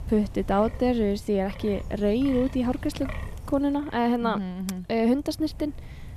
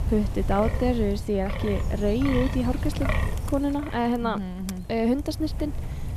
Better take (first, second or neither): first